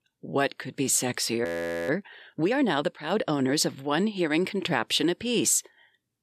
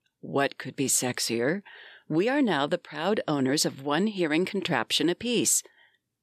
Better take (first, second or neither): second